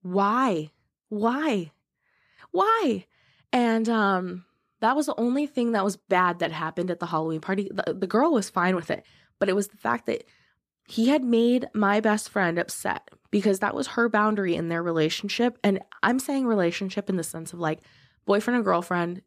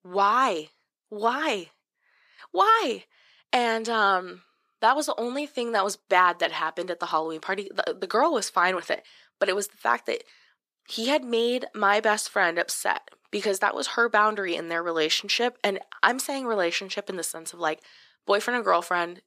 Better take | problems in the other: first | thin; somewhat; fading below 500 Hz

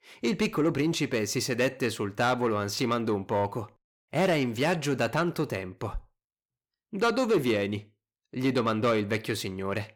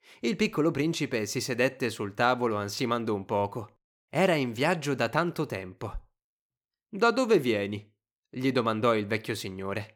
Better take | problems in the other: second | distortion; slight; 10 dB below the speech

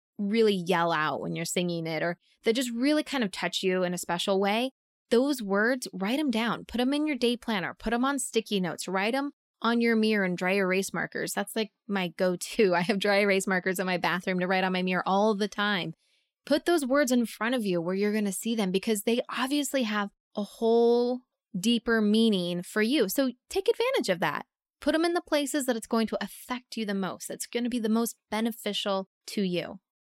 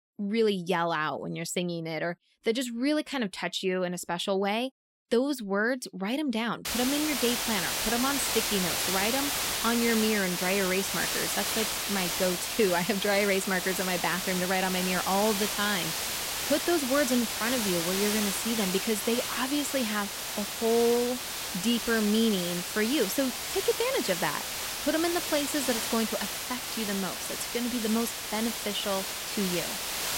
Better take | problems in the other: first | hiss; loud; from 6.5 s on; 1 dB below the speech

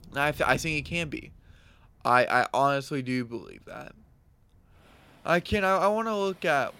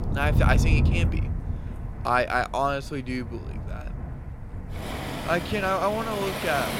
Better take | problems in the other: first | rain or running water; loud; throughout; 2 dB below the speech; faint in the first

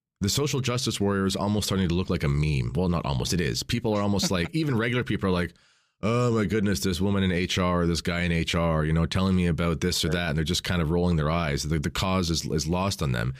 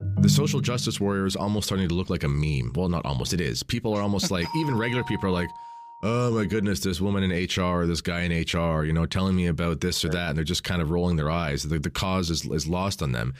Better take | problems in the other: first | phone ringing; loud; at the start; peak 4 dB above the speech // doorbell; noticeable; from 4.5 to 6.5 s; peak 8 dB below the speech

